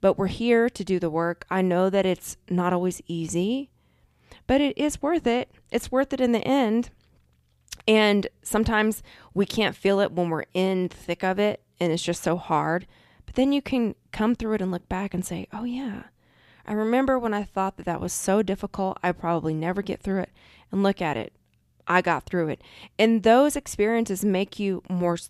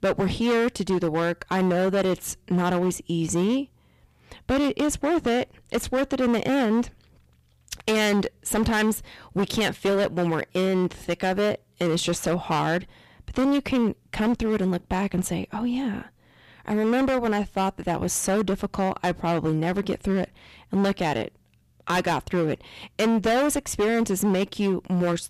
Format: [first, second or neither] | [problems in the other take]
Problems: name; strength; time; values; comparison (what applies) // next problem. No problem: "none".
first | distortion; heavy; 18% of the sound clipped